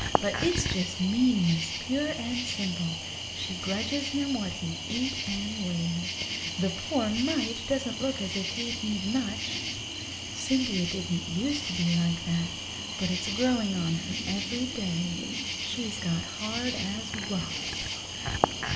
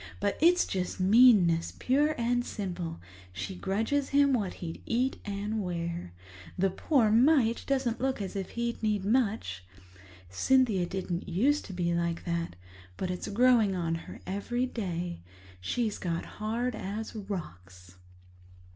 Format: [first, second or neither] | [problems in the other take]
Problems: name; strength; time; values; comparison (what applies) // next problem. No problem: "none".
second | background sound (Cricket); 3 dB below the speech // room echo; dies away in 1.6 s